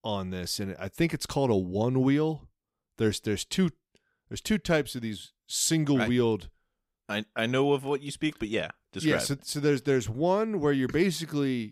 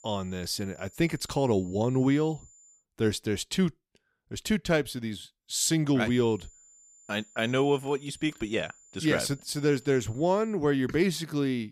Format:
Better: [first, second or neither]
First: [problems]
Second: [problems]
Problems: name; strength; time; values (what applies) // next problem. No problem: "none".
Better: first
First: none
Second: high-pitched whine; faint; until 3 s and from 6 to 11 s; 7 kHz, 25 dB below the speech